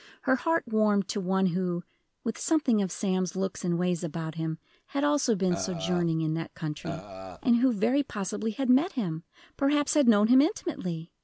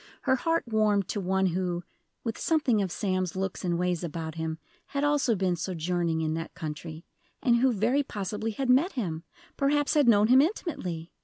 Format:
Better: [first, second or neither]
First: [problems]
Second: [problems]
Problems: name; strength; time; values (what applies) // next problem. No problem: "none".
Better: second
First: background sound (Burping, eructation); 11 dB below the speech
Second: none